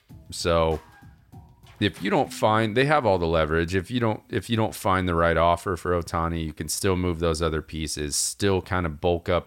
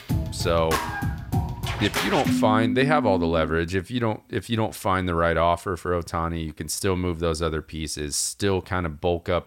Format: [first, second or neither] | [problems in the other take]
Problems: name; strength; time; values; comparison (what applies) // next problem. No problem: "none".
first | background music; loud; until 3.5 s; 2 dB below the speech; faint in the first